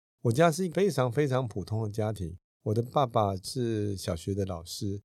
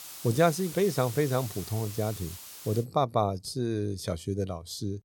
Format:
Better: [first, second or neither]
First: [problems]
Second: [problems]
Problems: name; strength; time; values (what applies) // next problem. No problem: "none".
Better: first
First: none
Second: hiss; noticeable; until 3 s; 10 dB below the speech